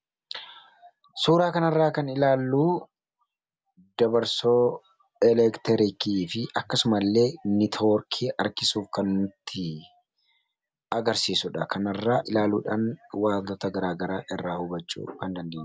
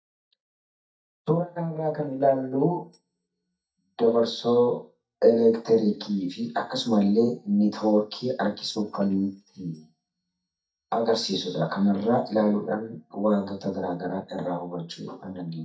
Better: first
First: none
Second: noise reduction (neural mask model DeepFilterNet 3)

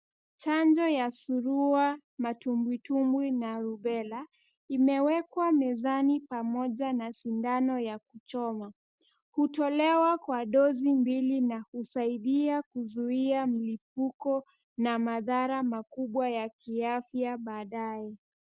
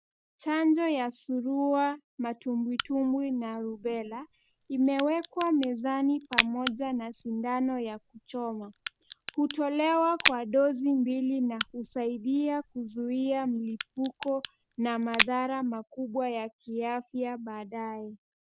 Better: first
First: none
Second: background sound (Crack); 7 dB below the speech

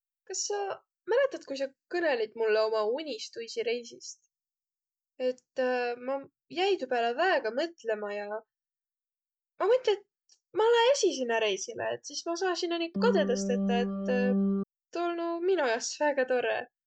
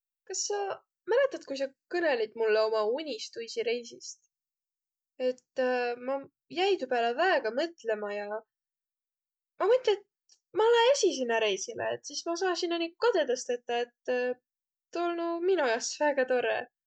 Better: second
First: background sound (Organ); 1 dB above the speech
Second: none

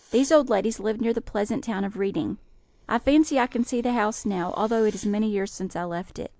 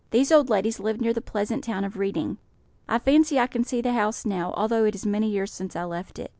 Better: second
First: noise reduction (neural mask model Resemble Enhance denoiser)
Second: none

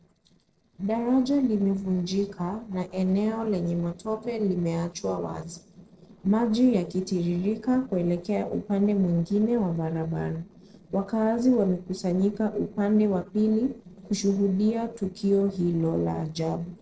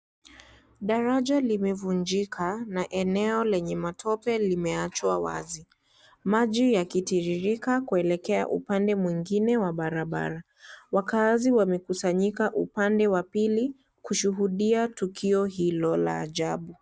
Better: second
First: noise reduction (neural separator model SepFormer DNS4)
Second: none

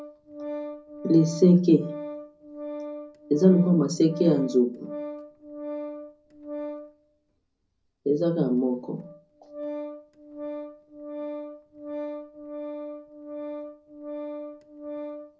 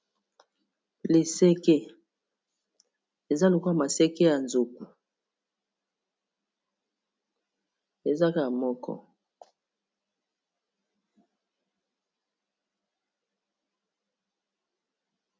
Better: second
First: background sound (Organ); 11 dB below the speech // room echo; dies away in 0.4 s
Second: none

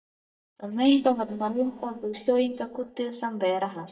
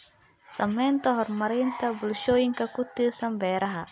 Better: second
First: noise reduction (neural mask model DeepFilterNet 3)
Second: none

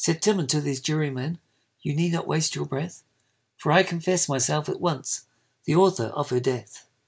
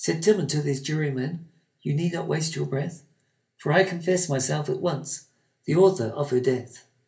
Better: first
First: none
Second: room echo; dies away in 0.3 s

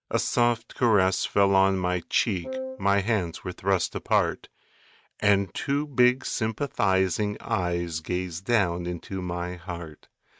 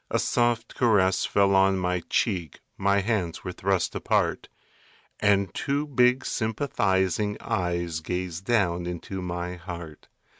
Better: second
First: noise reduction (neural mask model DeepFilterNet 3)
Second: none

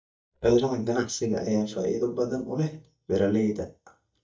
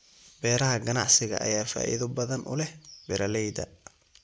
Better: second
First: noise reduction (neural mask model DeepFilterNet 3)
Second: none

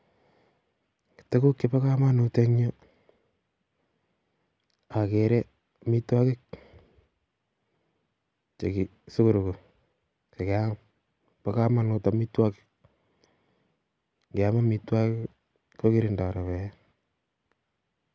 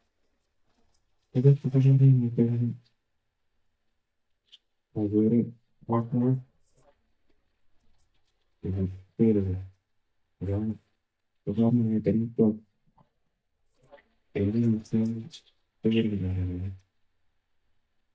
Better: first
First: none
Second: noise reduction (neural mask model DeepFilterNet 3)

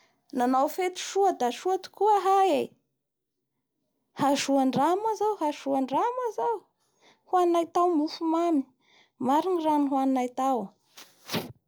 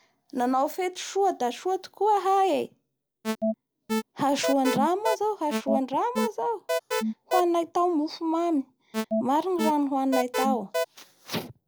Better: first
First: none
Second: background sound (Alarm); 2 dB below the speech

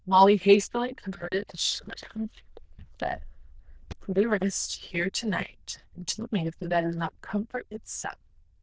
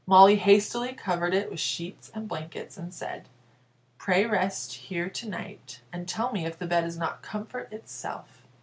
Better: second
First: noise reduction (neural diffusion model UNIVERSE++)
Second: none

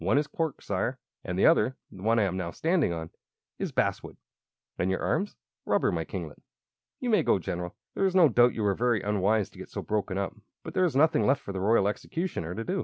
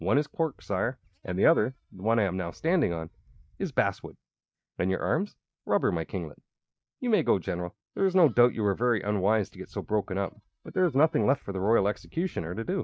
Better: first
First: none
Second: noise reduction (neural mask model DeepFilterNet 3)

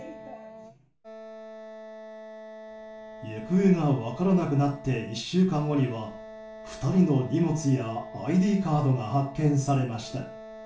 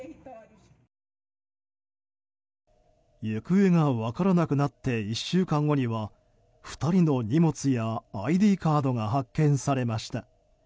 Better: second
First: background sound (Wind instrument, woodwind instrument); 16 dB below the speech // room echo; dies away in 0.3 s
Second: none

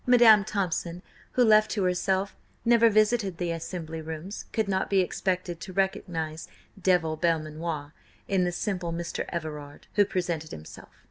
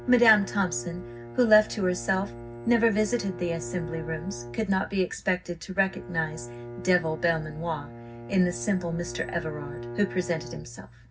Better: first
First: none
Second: background sound (Bowed string instrument); 12 dB below the speech // room echo; dies away in 0.4 s

